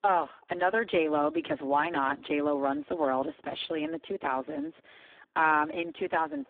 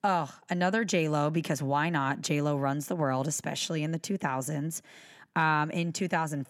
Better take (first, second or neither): second